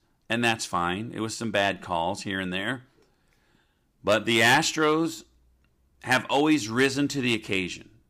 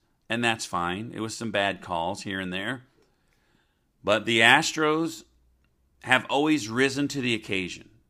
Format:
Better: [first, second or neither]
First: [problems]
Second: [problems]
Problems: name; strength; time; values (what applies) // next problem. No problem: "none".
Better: second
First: distortion; slight; 1% of the sound clipped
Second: none